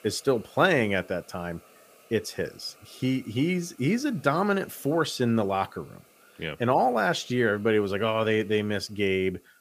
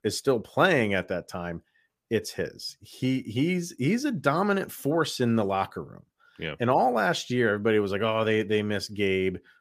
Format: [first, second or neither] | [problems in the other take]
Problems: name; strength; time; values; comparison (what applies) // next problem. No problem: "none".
second | hiss; faint; throughout; 30 dB below the speech